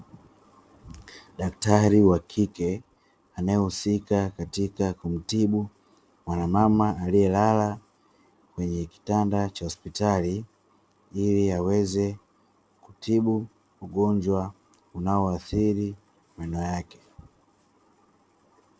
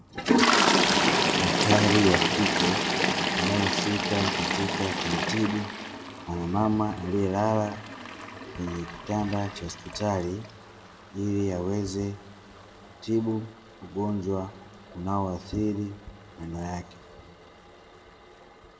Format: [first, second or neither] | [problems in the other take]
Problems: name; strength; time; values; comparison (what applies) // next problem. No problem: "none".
first | background sound (Toilet flush); 1 dB above the speech // room echo; dies away in 1.8 s